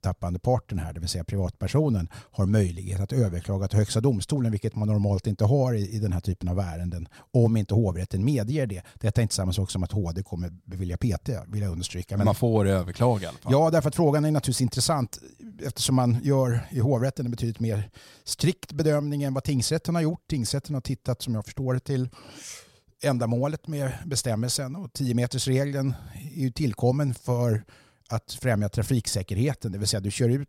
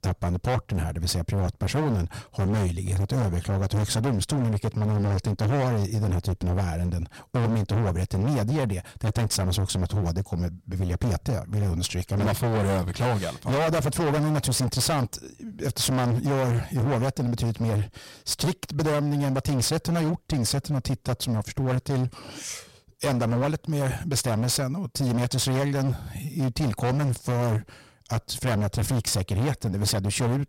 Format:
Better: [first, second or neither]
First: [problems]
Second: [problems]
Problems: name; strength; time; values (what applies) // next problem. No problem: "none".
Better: first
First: none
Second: distortion; heavy; 27% of the sound clipped